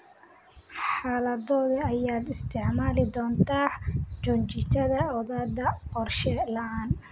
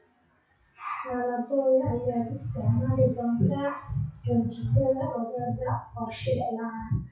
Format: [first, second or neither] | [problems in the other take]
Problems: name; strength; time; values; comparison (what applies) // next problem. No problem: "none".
first | noise reduction (classical method WPE with log-MMSE)